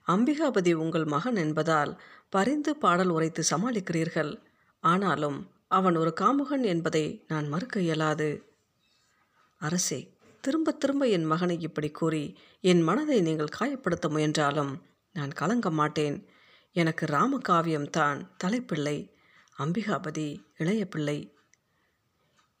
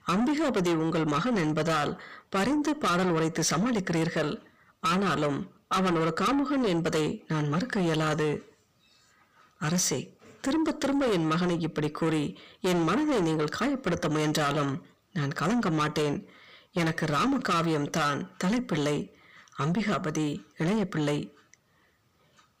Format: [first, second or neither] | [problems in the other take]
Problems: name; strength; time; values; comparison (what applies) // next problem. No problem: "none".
first | distortion; heavy; 7 dB below the speech